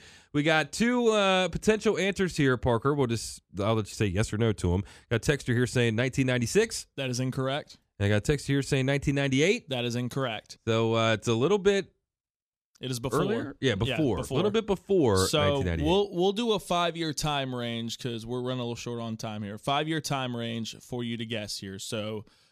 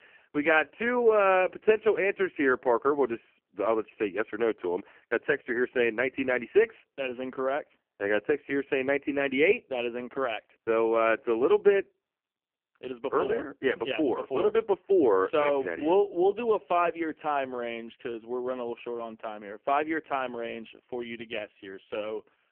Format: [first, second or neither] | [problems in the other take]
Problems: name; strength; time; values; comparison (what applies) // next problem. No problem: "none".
first | phone-call audio; poor line; nothing above 3 kHz